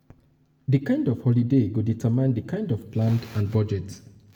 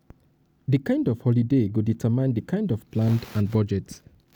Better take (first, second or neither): second